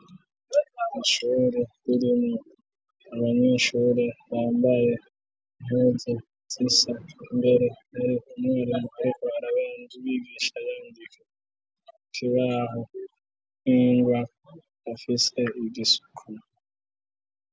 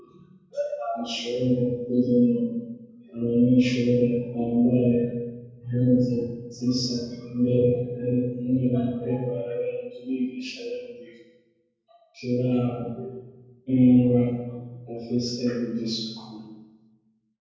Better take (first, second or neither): first